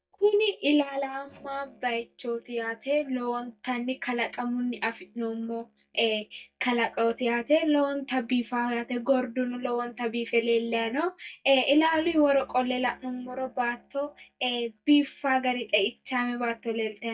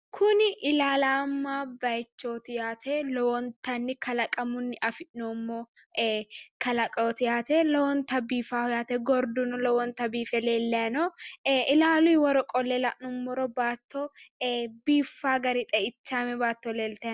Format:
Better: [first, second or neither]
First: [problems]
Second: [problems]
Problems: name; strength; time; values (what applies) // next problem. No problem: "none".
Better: second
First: noise reduction (neural mask model DeepFilterNet 3)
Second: none